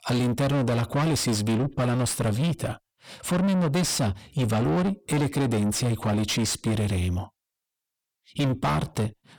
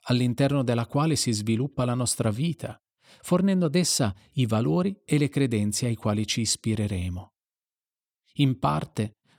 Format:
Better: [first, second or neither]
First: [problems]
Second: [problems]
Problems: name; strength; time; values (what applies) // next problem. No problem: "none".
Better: second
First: distortion; heavy; 5 dB below the speech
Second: none